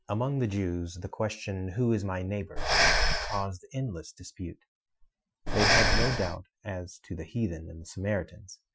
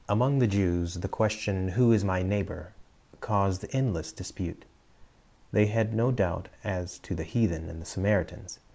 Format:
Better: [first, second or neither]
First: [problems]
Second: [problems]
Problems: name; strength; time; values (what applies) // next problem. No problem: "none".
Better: second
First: noise reduction (classical method Wiener filter)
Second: none